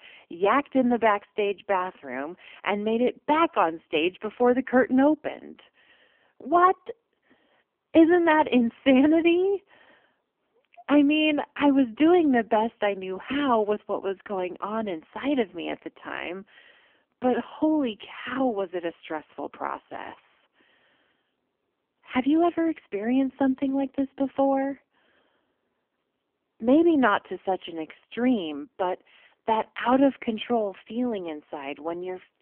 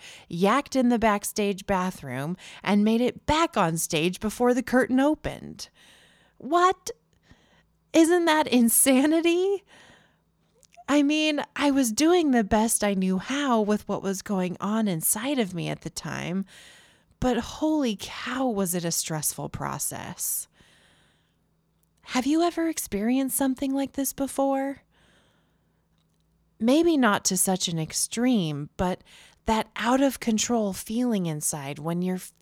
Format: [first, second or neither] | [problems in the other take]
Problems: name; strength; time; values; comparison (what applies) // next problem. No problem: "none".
second | phone-call audio; poor line; nothing above 3 kHz